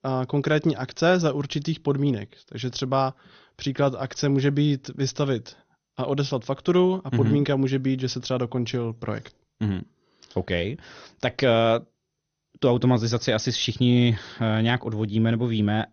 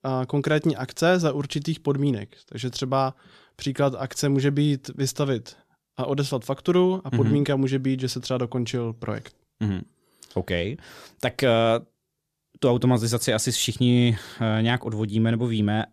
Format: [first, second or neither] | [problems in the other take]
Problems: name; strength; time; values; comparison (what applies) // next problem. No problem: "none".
second | garbled, watery; slightly; nothing above 6.5 kHz